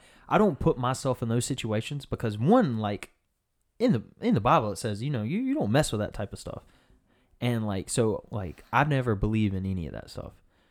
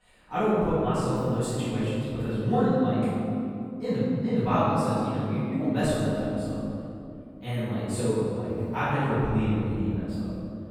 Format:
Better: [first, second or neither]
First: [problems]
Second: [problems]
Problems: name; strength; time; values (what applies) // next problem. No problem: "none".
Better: first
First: none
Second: off-mic speech; far // room echo; strong; dies away in 2.6 s